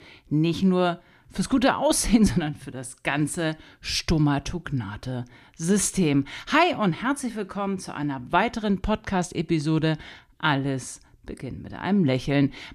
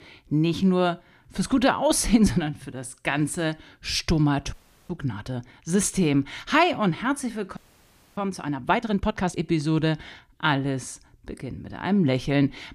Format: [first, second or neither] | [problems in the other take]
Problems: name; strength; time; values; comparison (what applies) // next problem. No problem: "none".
first | audio freezing; at 4.5 s and at 7.5 s for 0.5 s